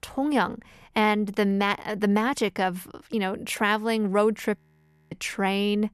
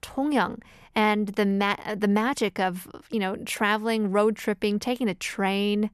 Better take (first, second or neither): second